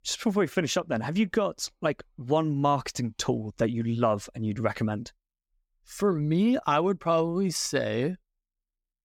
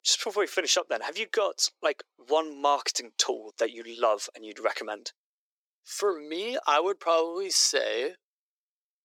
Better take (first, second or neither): first